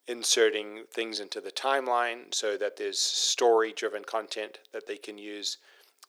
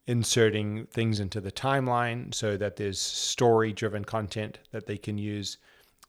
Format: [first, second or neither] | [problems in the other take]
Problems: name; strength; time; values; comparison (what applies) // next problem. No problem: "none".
second | thin; very; fading below 350 Hz